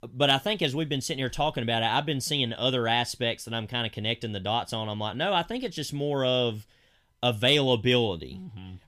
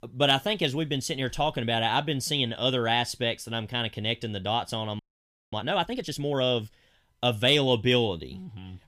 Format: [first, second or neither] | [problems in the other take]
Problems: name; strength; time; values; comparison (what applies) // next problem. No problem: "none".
first | audio freezing; at 5 s for 0.5 s